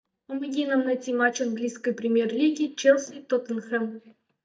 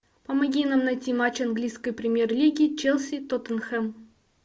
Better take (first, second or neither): second